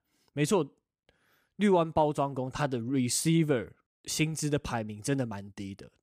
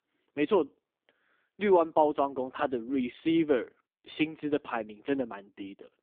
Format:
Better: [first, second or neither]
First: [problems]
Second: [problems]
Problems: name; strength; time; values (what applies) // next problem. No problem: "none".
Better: first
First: none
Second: phone-call audio; poor line